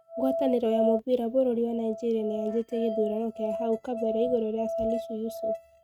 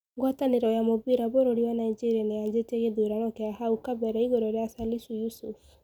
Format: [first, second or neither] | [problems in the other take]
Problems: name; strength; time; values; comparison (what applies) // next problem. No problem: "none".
second | noise reduction (neural mask model RNNoise)